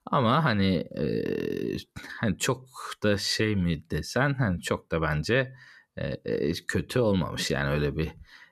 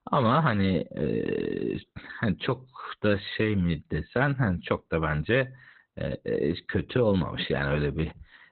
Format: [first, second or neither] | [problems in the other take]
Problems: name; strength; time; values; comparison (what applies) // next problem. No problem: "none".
first | garbled, watery; badly; nothing above 4 kHz